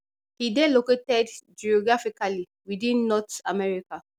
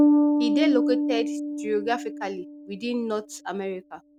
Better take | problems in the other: first | background sound (Bass guitar); 4 dB above the speech

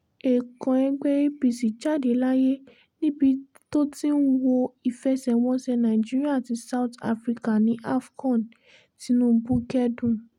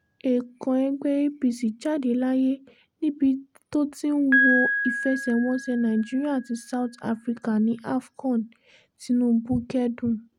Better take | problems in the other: first | background sound (Piano); 7 dB below the speech

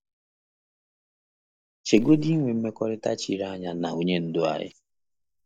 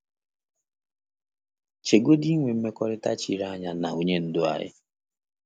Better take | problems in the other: second | noise reduction (neural mask model DeepFilterNet 3)

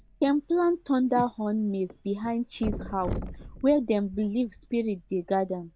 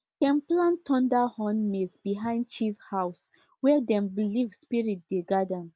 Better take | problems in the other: second | background sound (Whoosh, swoosh, swish + Thump, thud); 13 dB below the speech

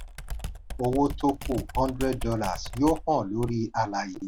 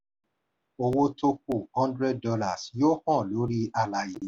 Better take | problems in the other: second | background sound (Computer keyboard); 8 dB below the speech

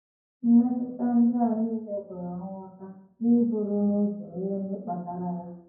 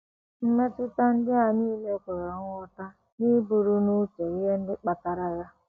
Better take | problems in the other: second | room echo; dies away in 0.9 s

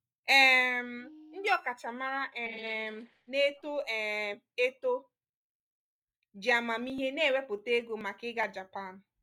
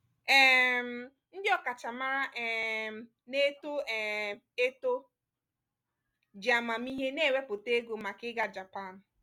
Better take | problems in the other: second | noise reduction (neural mask model DeepFilterNet 3)

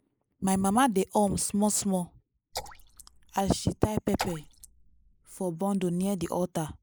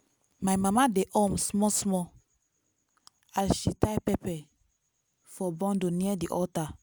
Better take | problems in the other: second | noise reduction (neural mask model Resemble Enhance denoiser)

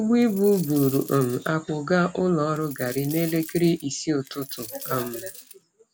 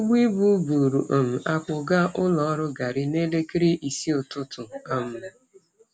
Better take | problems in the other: second | background sound (Coin (dropping)); 15 dB below the speech

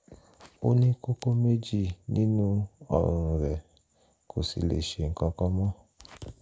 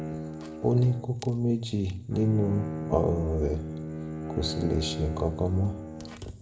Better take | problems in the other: first | background sound (Bowed string instrument); 8 dB below the speech // room echo; dies away in 1.3 s

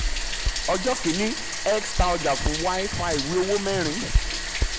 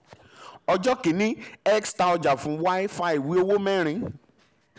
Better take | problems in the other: second | background sound (Hands + Bathtub (filling or washing)); as loud as the speech

